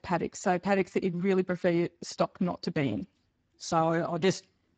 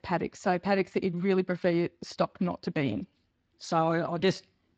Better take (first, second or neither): second